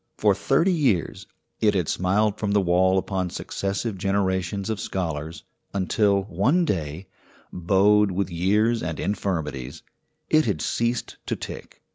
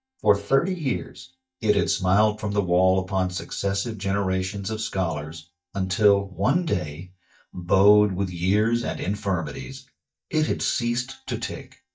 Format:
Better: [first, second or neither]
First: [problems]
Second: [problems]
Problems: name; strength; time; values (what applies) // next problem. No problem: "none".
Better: first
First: none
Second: noise reduction (neural mask model DeepFilterNet 3)